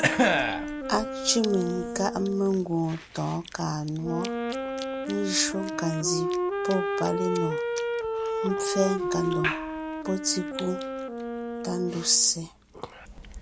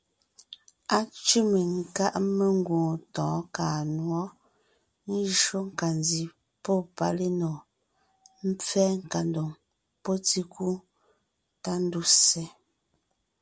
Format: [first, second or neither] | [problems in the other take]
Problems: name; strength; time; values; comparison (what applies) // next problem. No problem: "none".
second | background sound (Wind instrument, woodwind instrument + Chewing, mastication / Cough); 1 dB below the speech